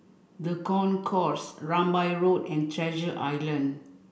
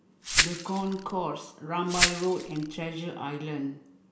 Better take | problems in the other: first | background sound (Glass); 2 dB above the speech

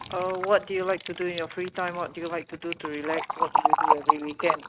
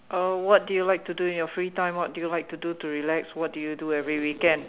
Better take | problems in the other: second | noise reduction (neural mask model RNNoise)

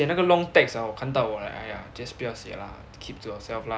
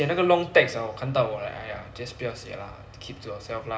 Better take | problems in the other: first | room echo; dies away in 1 s

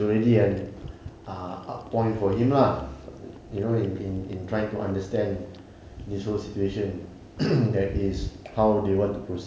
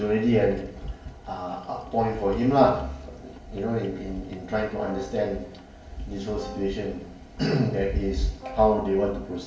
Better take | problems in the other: first | background sound (Brass instrument); 17 dB below the speech // room echo; dies away in 0.2 s

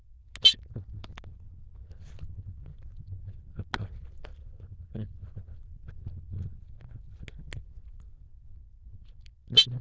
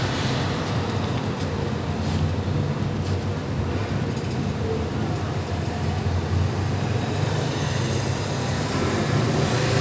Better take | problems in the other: second | noise reduction (neural diffusion model UNIVERSE++)

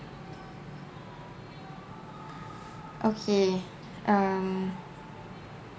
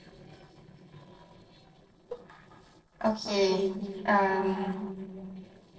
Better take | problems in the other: first | noise reduction (neural separator model SepFormer DNS4)

